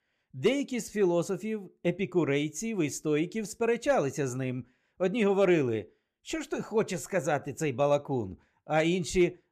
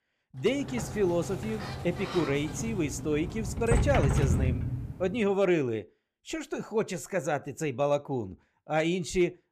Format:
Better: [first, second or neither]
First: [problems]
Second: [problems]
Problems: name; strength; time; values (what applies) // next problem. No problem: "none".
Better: first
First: none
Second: door banging; loud; from 0.5 to 5 s; peak 4 dB above the speech